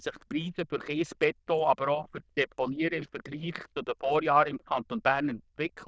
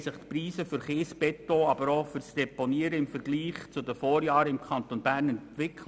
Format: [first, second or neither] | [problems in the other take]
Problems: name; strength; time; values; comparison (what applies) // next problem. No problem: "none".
second | noise reduction (neural diffusion model UNIVERSE++)